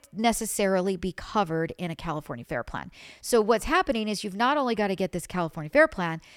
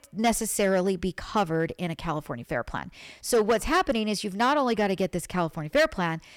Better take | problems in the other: first | distortion; slight; 3% of the sound clipped

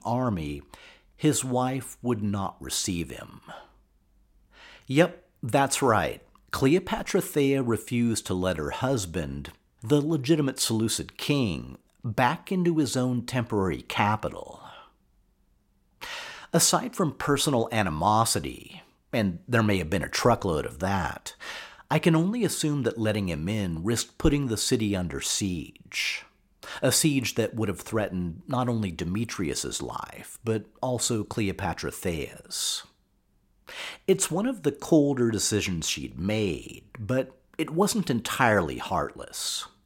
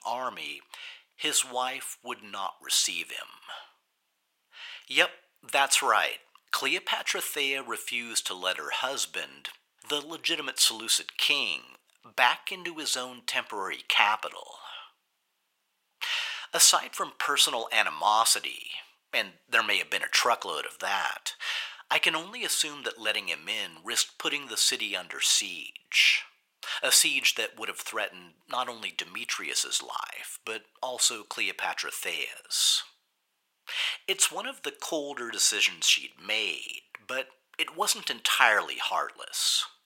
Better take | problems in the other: first | thin; very; fading below 950 Hz

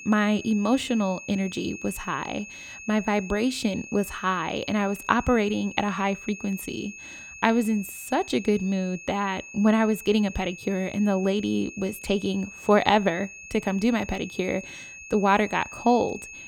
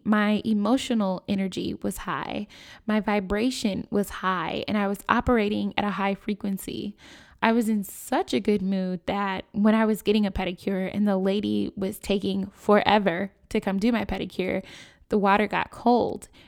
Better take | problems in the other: second | high-pitched whine; noticeable; throughout; 2.5 kHz, 15 dB below the speech

